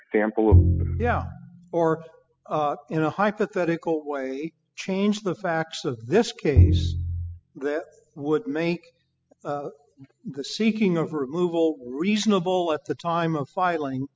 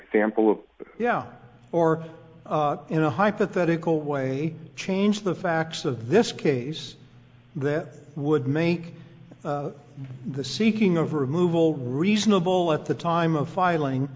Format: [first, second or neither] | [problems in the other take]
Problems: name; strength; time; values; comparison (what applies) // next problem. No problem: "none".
second | noise reduction (classical method spectral subtraction)